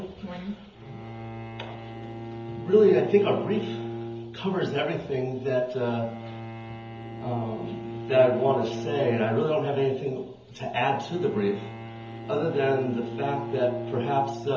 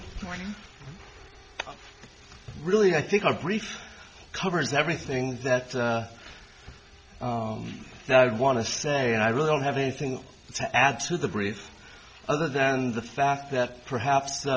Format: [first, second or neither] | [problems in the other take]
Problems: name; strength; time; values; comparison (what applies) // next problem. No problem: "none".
second | background sound (Bowed string instrument); 10 dB below the speech // room echo; dies away in 0.7 s